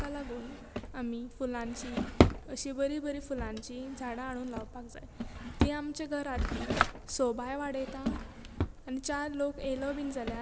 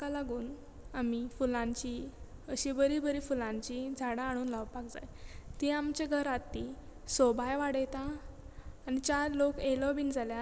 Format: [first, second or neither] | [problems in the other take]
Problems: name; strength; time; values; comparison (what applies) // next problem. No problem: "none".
second | background sound (Drawer open or close); 1 dB above the speech